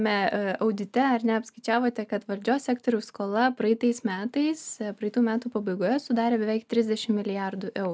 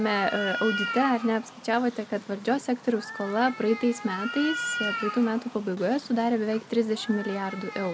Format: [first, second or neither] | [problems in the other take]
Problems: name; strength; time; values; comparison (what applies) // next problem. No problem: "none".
first | background sound (Cat); 9 dB below the speech